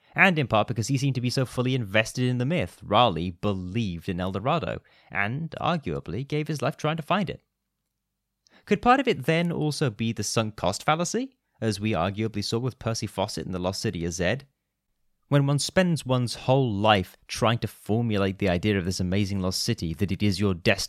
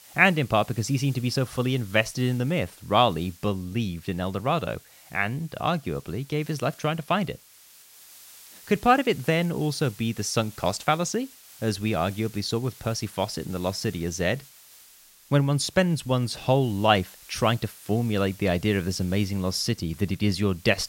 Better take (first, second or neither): first